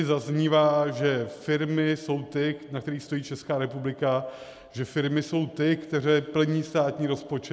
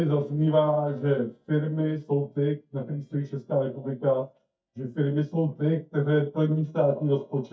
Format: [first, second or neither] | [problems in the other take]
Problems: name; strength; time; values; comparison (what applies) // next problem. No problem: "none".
first | noise reduction (neural mask model DeepFilterNet 3)